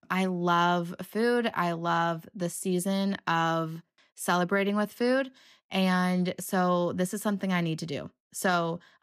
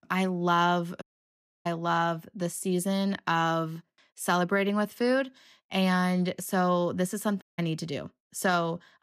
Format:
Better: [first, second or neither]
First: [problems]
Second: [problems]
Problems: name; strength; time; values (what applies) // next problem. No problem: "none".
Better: first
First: none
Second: audio cutting out; at 1 s for 0.5 s and at 7.5 s